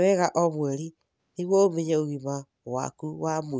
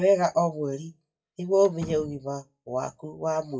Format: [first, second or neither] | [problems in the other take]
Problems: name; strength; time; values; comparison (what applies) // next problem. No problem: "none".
first | noise reduction (classical method WPE with log-MMSE)